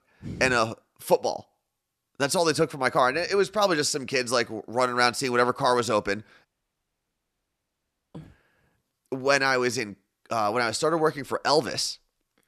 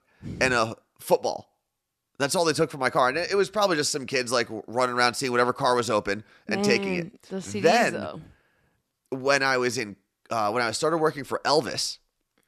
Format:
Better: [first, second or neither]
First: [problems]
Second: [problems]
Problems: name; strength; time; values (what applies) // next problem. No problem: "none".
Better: second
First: audio cutting out; at 6.5 s for 1.5 s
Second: none